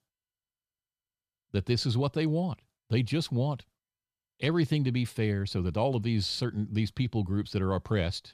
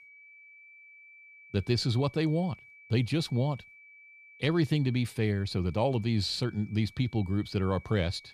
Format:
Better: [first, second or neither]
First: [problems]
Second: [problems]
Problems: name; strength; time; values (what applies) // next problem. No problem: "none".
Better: first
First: none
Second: high-pitched whine; faint; throughout; 2.5 kHz, 25 dB below the speech